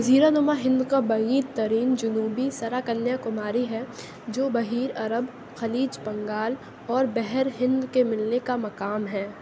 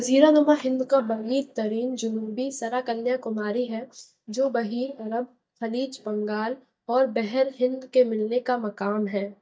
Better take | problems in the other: first | noise reduction (neural mask model DeepFilterNet 3)

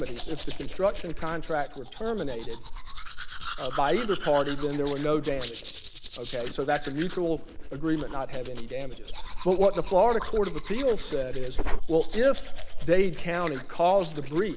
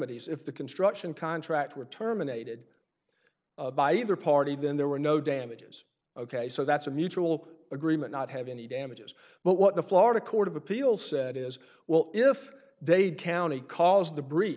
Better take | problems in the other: second | background sound (Domestic sounds, home sounds); 1 dB below the speech

